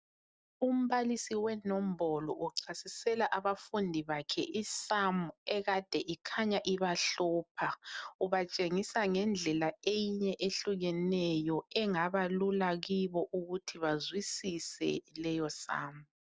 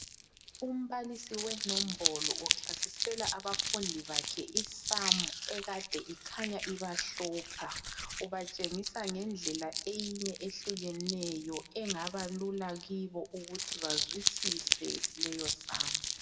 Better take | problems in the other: first | background sound (Crumpling, crinkling); 3 dB above the speech // room echo; dies away in 0.6 s

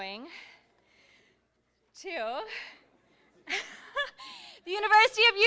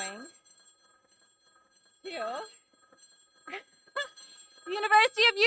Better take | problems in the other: first | noise reduction (neural mask model RNNoise)

